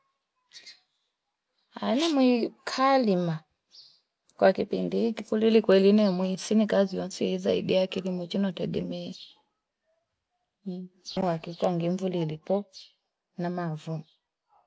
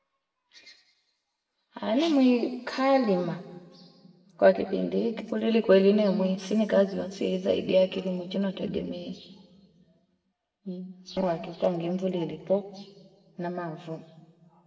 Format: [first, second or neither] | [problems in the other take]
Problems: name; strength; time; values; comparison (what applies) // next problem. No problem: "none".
first | room echo; dies away in 1.7 s